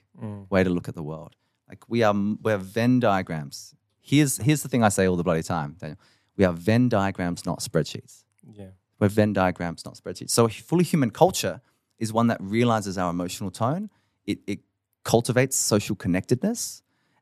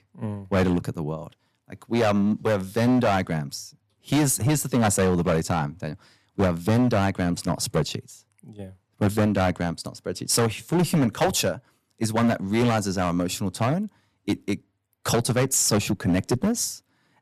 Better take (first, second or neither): first